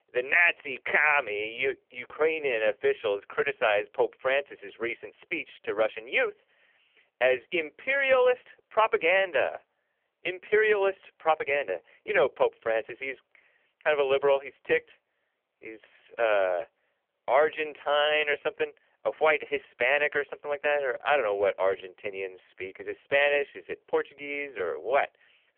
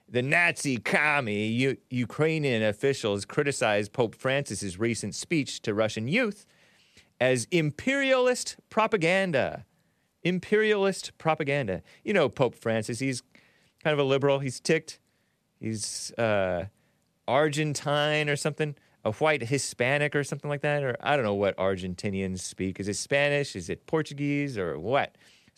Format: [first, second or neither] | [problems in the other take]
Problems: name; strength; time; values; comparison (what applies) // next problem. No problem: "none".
second | phone-call audio; poor line; nothing above 3 kHz